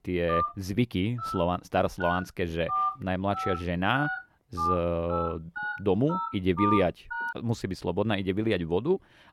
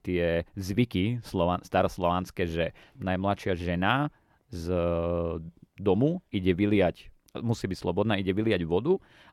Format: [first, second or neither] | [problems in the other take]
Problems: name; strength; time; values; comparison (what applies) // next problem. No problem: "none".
second | phone ringing; loud; until 7.5 s; peak 1 dB above the speech